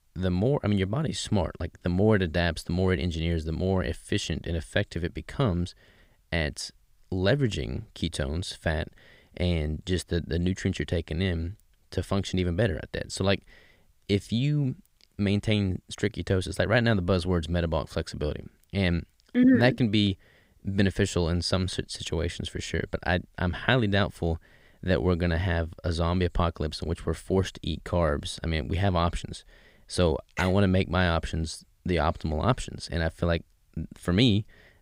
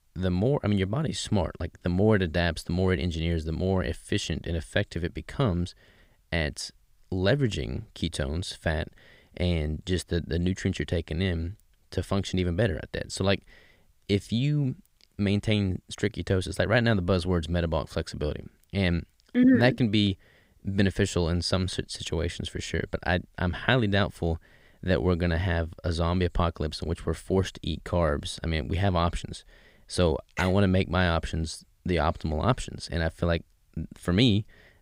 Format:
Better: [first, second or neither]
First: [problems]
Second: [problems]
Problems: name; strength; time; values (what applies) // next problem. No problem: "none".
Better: neither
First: none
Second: none